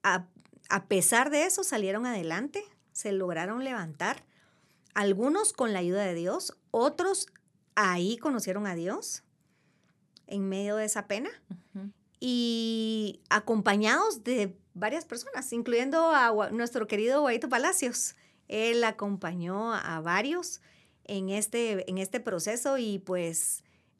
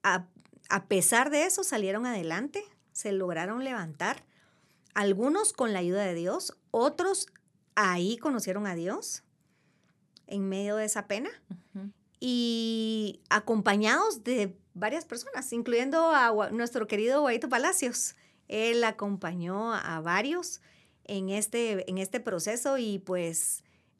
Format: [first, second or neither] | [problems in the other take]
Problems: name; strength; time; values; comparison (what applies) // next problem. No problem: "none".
neither | none